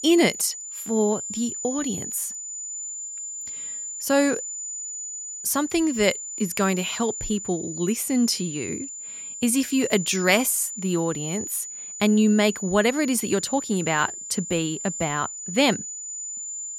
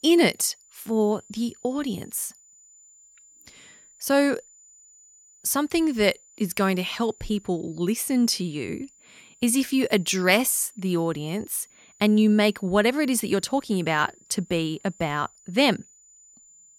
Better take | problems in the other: second | high-pitched whine; loud; throughout; 7 kHz, 7 dB below the speech; faint in the second

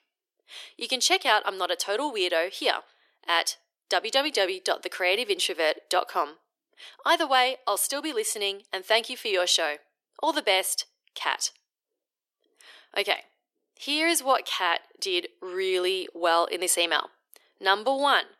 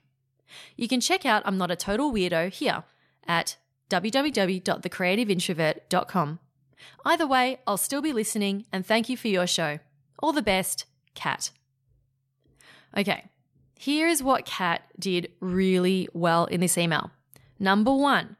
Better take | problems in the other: second | thin; very; fading below 350 Hz

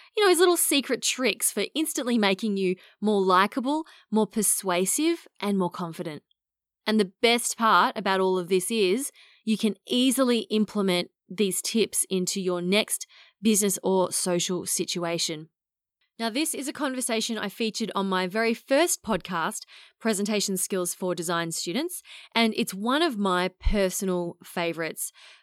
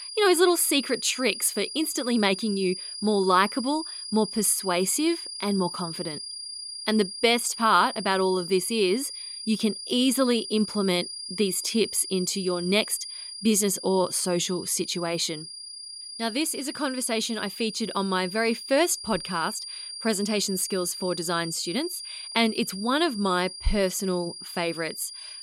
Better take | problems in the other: first | high-pitched whine; loud; throughout; 5 kHz, 9 dB below the speech

